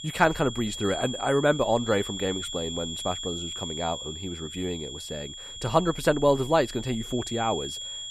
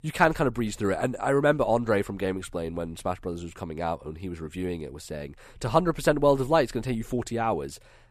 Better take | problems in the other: second | high-pitched whine; loud; throughout; 3.5 kHz, 8 dB below the speech

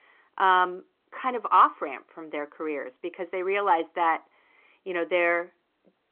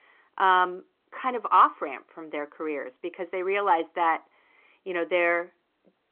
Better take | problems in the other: neither | phone-call audio; nothing above 3 kHz; the same in both

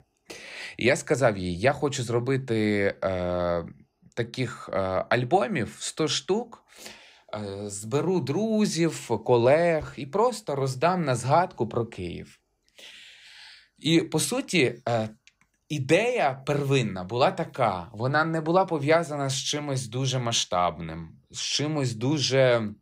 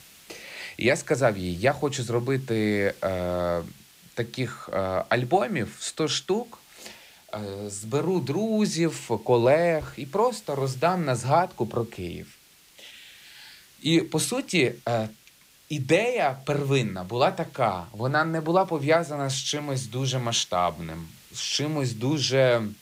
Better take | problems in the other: first | hiss; faint; throughout; 25 dB below the speech

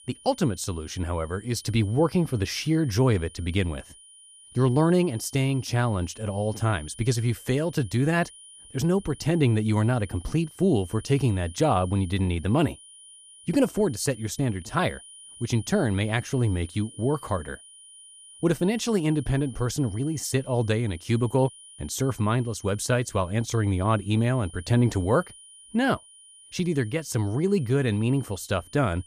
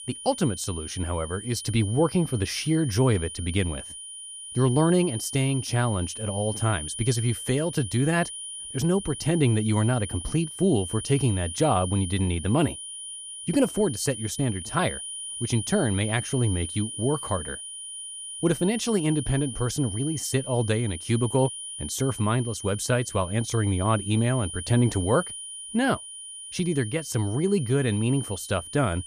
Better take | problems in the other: first | high-pitched whine; loud; throughout; 9.5 kHz, 9 dB below the speech; faint in the first

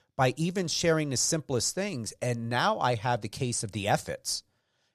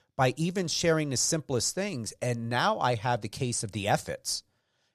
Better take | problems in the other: neither | none

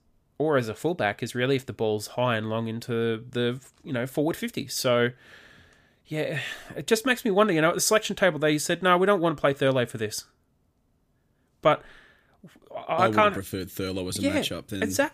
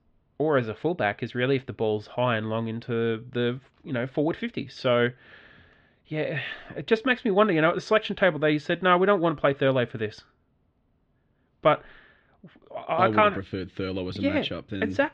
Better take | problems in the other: first | muffled; slightly; fading above 3.5 kHz

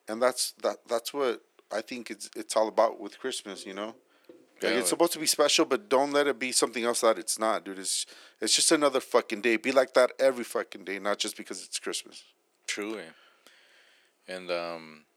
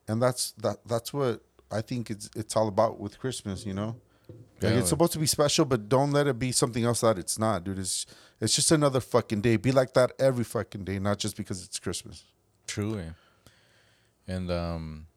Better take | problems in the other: second | thin; somewhat; fading below 300 Hz

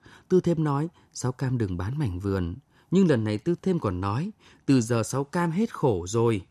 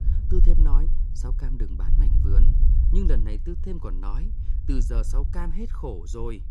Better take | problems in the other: first | low rumble; loud; throughout; 7 dB below the speech

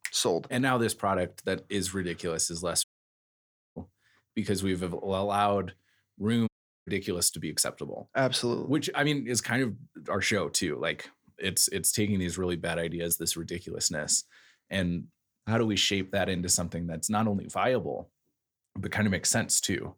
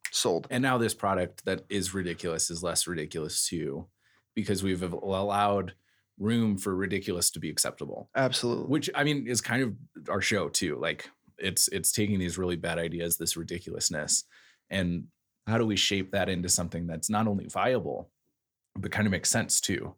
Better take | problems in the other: second | audio cutting out; at 3 s for 1 s and at 6.5 s

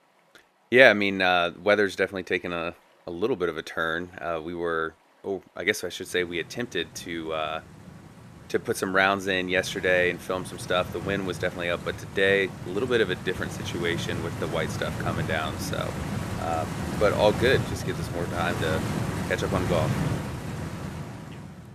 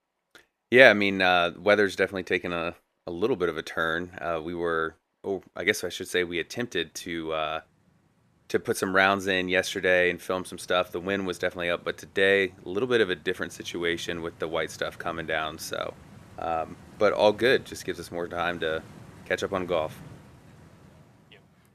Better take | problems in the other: second | rain or running water; loud; throughout; 6 dB below the speech; faint in the second

